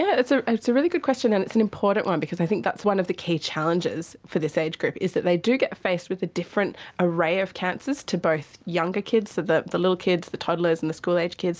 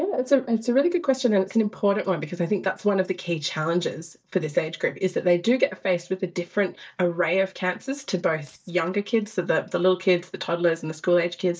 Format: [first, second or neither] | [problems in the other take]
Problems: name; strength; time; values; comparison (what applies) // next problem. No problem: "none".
first | noise reduction (neural mask model DeepFilterNet 3)